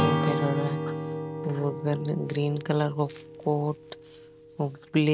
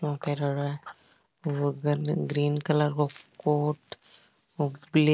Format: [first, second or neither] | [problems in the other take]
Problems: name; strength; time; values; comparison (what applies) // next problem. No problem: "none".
second | background sound (Acoustic guitar / Strum); 3 dB below the speech